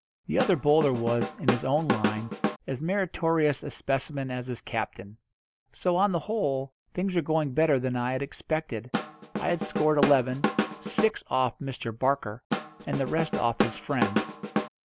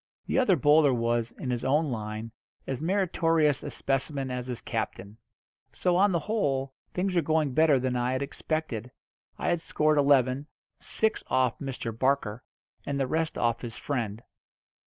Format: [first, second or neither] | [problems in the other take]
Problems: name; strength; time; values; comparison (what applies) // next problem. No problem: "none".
second | background sound (Drum / Drum kit); 2 dB below the speech